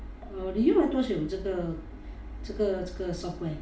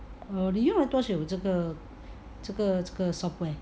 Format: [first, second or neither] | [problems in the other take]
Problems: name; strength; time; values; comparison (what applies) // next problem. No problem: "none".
second | room echo; dies away in 0.4 s